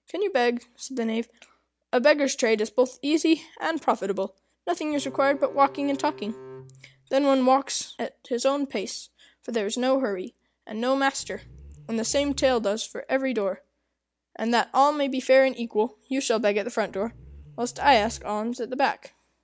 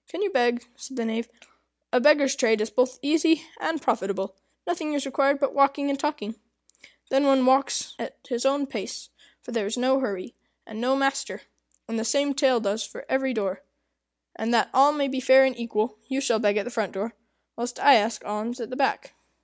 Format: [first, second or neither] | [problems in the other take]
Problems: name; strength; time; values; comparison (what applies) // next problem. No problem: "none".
second | background sound (Growling + Bowed string instrument); 20 dB below the speech